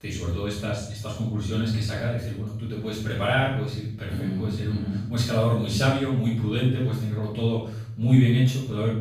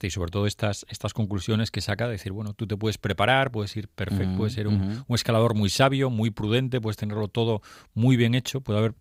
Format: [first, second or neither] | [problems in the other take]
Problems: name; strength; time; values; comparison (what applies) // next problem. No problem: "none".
second | room echo; noticeable; dies away in 0.7 s // off-mic speech; far